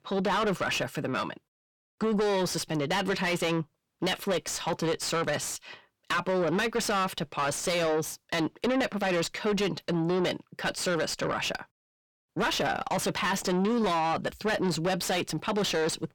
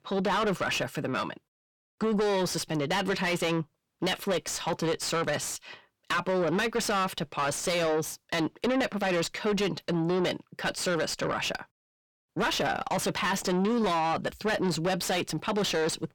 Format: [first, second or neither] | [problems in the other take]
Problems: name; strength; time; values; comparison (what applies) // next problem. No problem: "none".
neither | distortion; heavy; 6 dB below the speech; the same in both